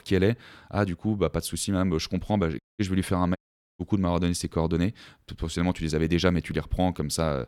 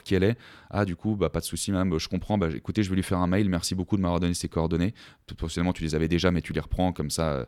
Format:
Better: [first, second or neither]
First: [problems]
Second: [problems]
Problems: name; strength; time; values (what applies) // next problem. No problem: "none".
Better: second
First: audio cutting out; at 2.5 s and at 3.5 s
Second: none